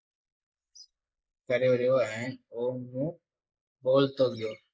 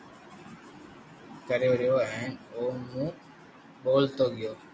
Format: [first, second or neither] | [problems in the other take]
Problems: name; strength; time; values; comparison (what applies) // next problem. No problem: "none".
second | noise reduction (neural mask model Resemble Enhance denoiser)